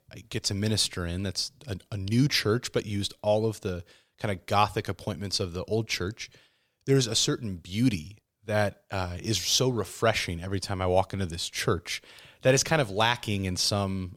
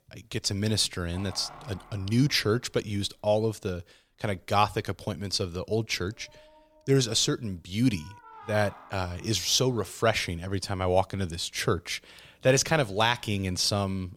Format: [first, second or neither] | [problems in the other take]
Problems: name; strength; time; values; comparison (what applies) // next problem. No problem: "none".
first | household noises; faint; throughout; 25 dB below the speech